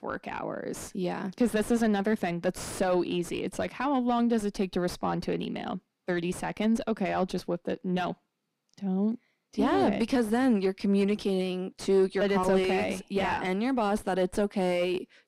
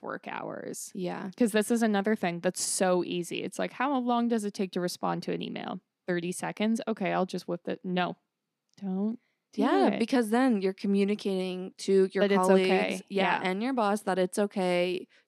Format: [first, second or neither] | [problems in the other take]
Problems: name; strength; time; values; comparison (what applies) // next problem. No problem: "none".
second | distortion; slight; 9 dB below the speech